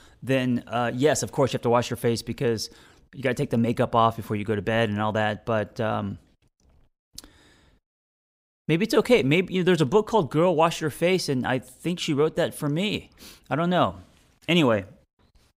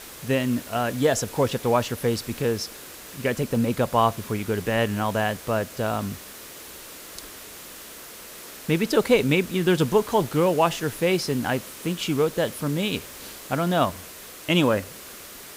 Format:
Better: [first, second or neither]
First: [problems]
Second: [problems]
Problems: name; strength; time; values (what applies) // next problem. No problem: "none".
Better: first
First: none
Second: hiss; noticeable; throughout; 15 dB below the speech